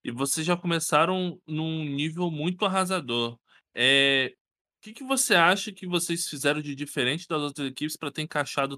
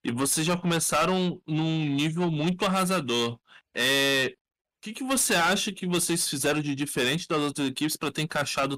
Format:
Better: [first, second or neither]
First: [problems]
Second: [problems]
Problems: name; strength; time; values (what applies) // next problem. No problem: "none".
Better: first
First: none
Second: distortion; heavy; 6 dB below the speech